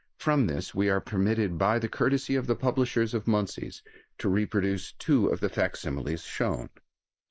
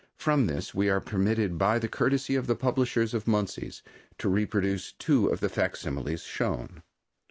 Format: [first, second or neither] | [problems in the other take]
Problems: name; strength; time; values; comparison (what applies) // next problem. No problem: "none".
second | noise reduction (neural mask model Resemble Enhance denoiser)